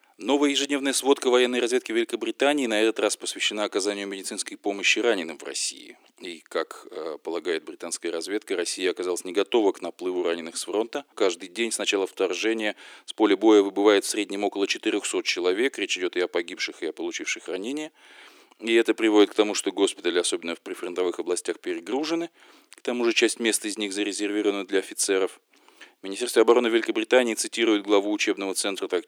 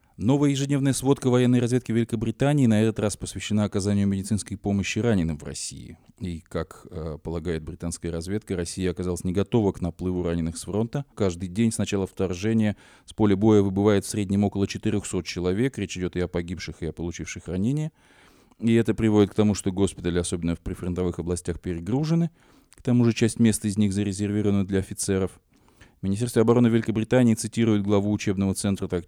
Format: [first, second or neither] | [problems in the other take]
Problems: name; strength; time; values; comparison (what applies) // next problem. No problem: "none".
second | thin; very; fading below 300 Hz